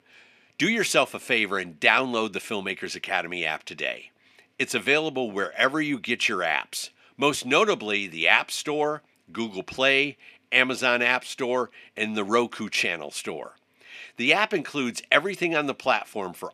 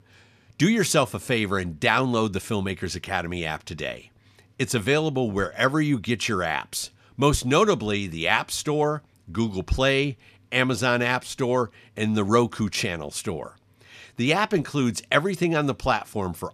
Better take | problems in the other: second | thin; very slightly; fading below 300 Hz

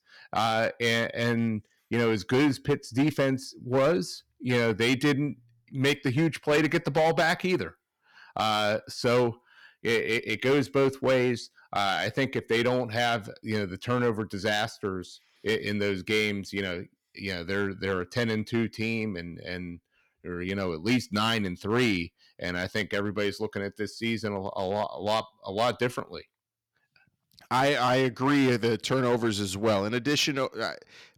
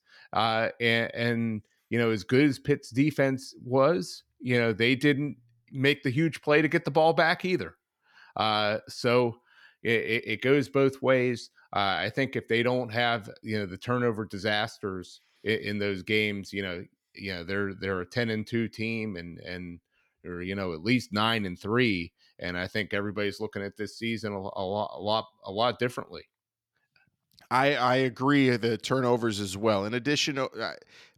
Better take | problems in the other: second | distortion; slight; 5% of the sound clipped

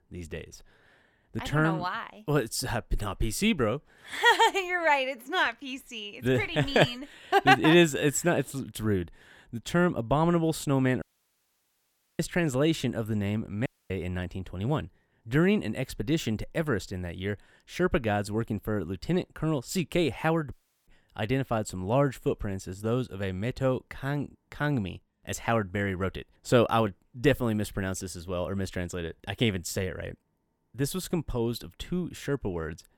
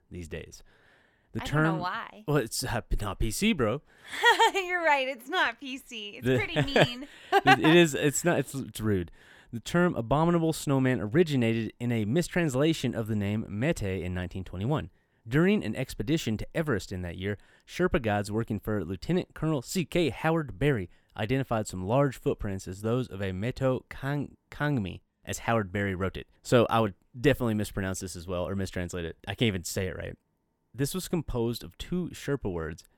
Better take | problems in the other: second | audio cutting out; at 11 s for 1 s, at 14 s and at 21 s

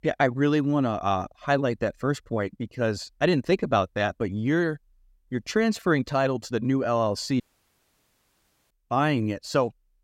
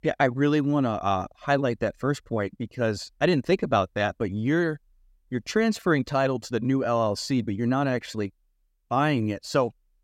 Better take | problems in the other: second | audio cutting out; at 7.5 s for 1.5 s

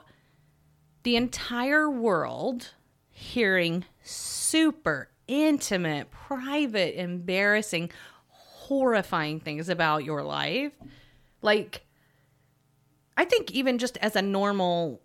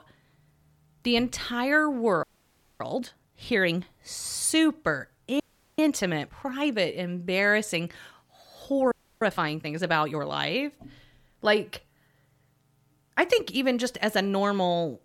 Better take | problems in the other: first | audio freezing; at 2 s for 0.5 s, at 5.5 s and at 9 s

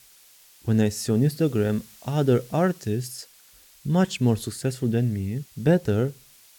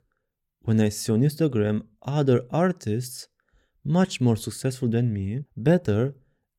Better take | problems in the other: second | hiss; faint; throughout; 25 dB below the speech

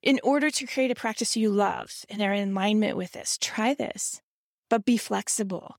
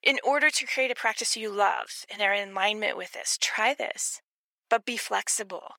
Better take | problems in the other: first | thin; very; fading below 650 Hz

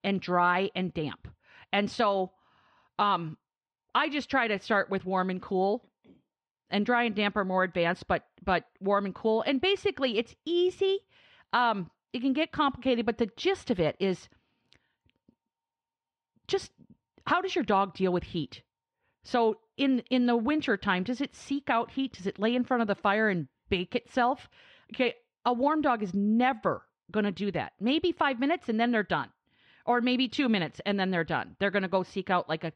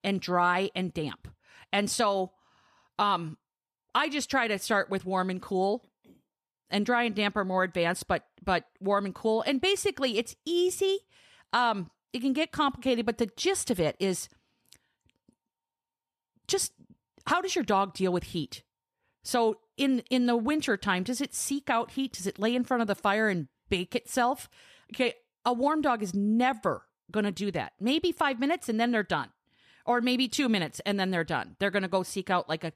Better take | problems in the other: second | muffled; slightly; fading above 3.5 kHz

